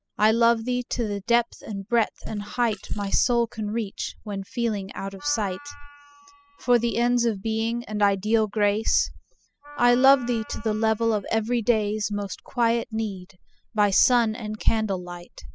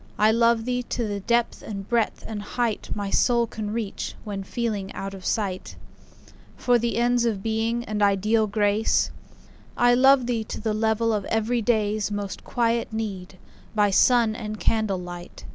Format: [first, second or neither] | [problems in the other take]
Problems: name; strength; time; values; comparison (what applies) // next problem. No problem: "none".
second | noise reduction (classical method spectral subtraction)